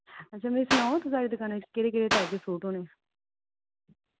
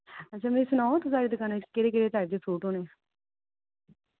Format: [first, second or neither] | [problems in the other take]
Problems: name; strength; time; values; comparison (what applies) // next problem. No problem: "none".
second | background sound (Clapping); 1 dB above the speech